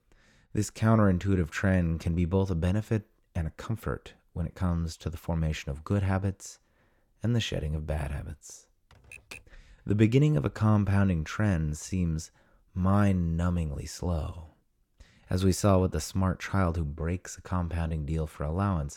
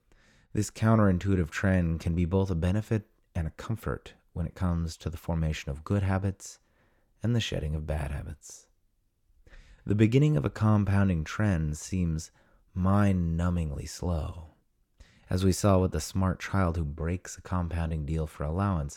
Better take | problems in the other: second | keyboard typing; faint; at 9 s; peak 15 dB below the speech

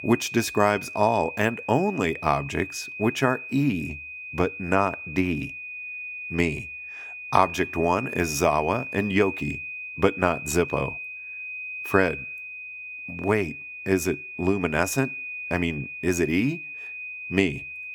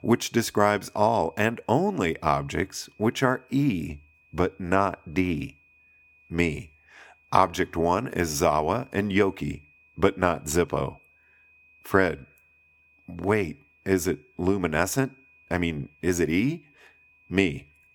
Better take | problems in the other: second | high-pitched whine; loud; throughout; 2.5 kHz, 9 dB below the speech; faint in the second

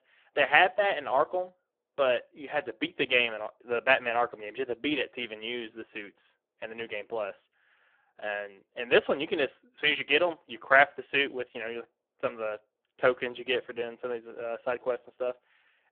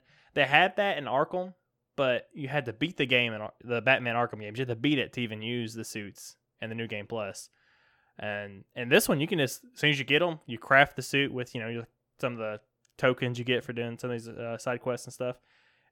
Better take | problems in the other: second | phone-call audio; poor line

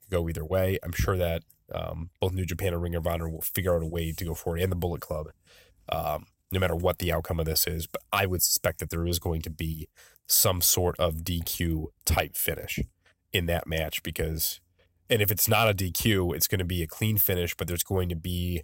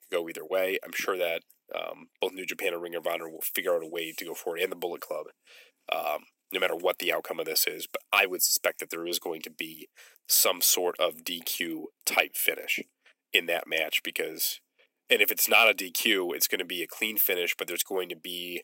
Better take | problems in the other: first | thin; very; fading below 250 Hz

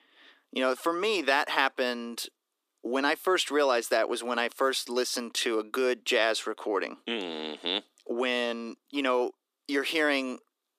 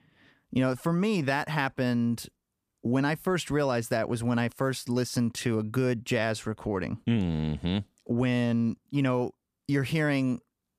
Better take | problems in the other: second | thin; somewhat; fading below 300 Hz

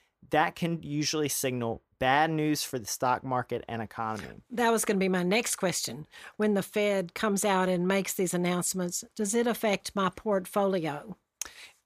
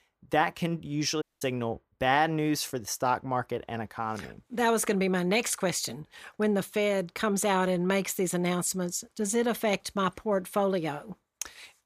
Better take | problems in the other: first | audio cutting out; at 1 s

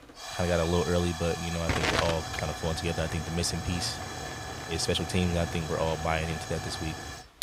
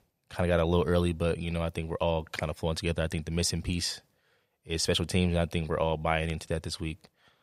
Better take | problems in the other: second | hiss; loud; throughout; 4 dB below the speech

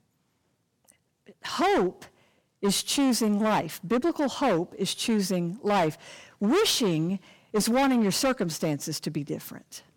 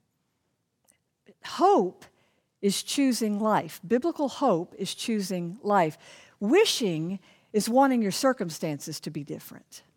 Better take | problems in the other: second | distortion; heavy; 12% of the sound clipped

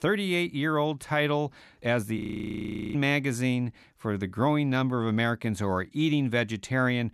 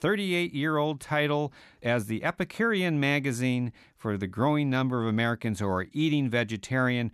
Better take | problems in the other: second | audio freezing; at 2 s for 1 s

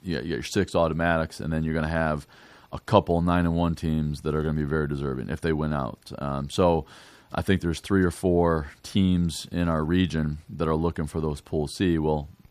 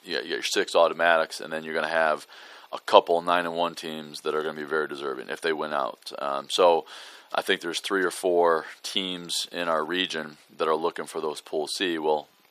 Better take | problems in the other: first | thin; very; fading below 450 Hz

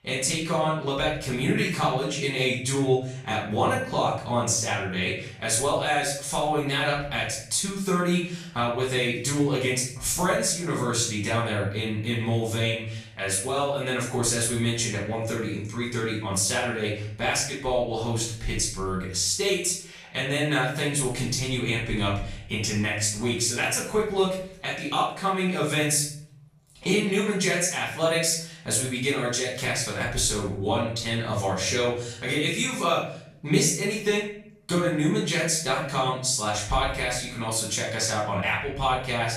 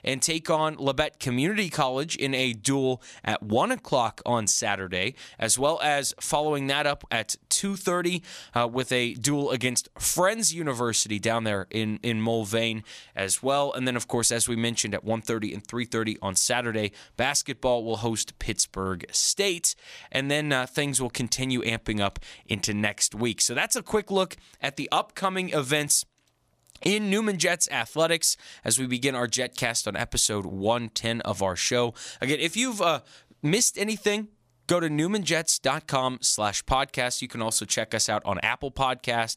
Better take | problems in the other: second | off-mic speech; far // room echo; noticeable; dies away in 0.8 s

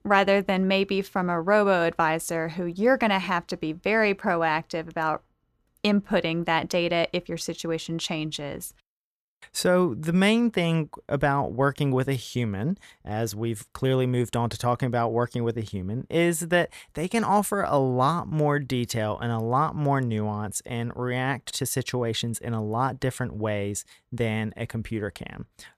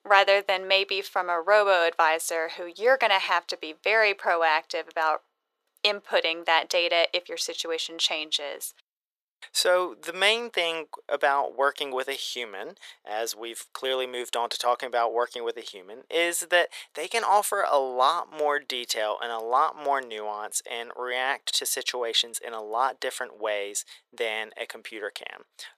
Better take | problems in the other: first | thin; very; fading below 450 Hz

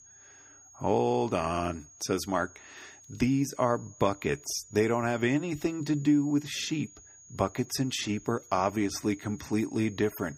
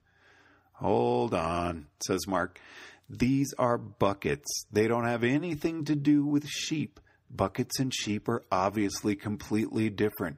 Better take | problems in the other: second | high-pitched whine; faint; throughout; 6.5 kHz, 20 dB below the speech

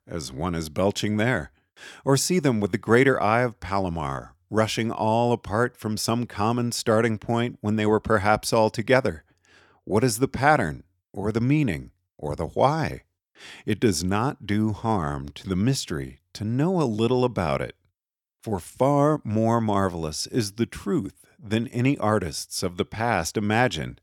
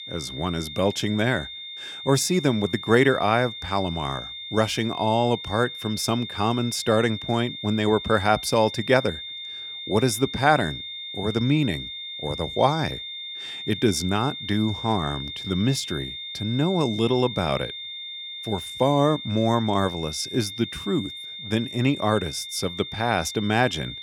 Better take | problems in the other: first | high-pitched whine; loud; throughout; 3.5 kHz, 9 dB below the speech

